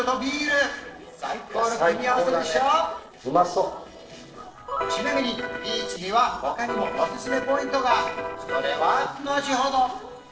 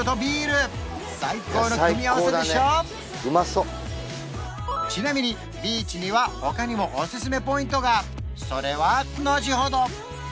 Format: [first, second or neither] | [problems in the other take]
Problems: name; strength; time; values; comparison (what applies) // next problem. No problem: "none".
second | noise reduction (neural separator model SepFormer DNS4)